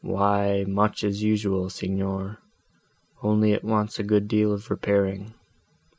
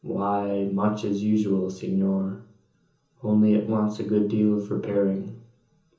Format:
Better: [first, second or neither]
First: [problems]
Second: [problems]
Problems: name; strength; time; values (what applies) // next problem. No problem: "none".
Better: first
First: none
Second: room echo; dies away in 0.7 s